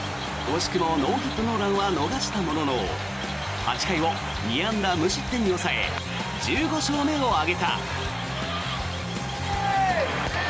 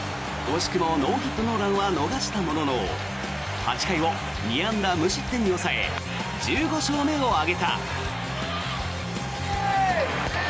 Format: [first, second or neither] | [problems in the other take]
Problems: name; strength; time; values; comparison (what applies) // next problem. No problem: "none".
second | background sound (Cricket / Frog); 17 dB below the speech